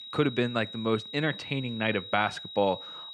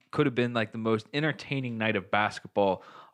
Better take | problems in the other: second | high-pitched whine; noticeable; throughout; 4 kHz, 10 dB below the speech

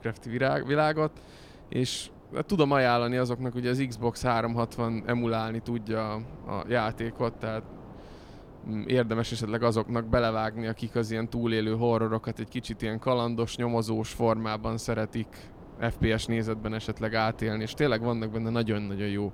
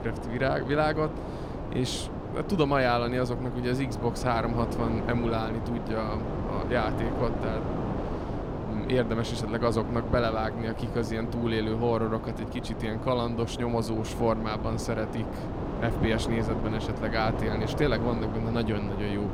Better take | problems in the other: first | wind noise on the microphone; heavy; 6 dB below the speech; occasional gusts in the first

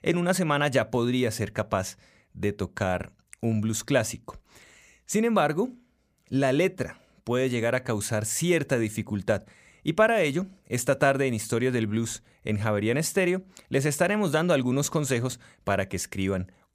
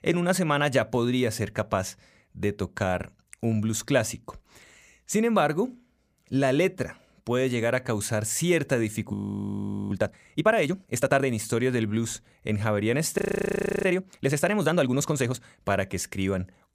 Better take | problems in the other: first | audio freezing; at 9 s for 1 s and at 13 s for 0.5 s

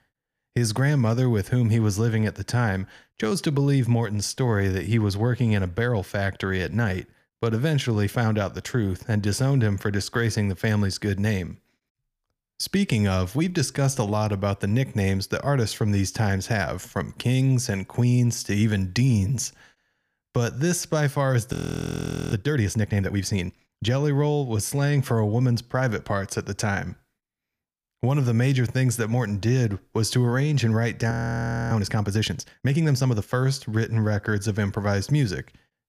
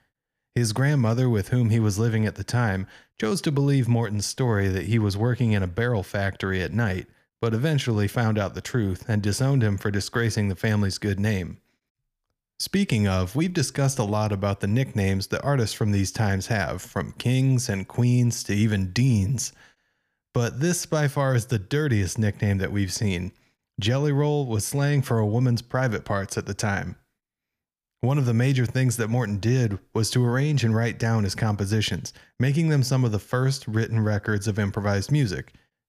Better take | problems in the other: second | audio freezing; at 22 s for 1 s and at 31 s for 0.5 s

